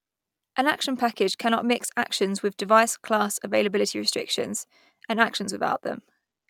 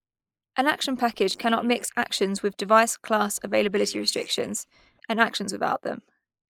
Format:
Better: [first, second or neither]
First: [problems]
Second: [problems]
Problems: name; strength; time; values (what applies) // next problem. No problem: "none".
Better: first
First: none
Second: noise reduction (neural mask model Resemble Enhance denoiser)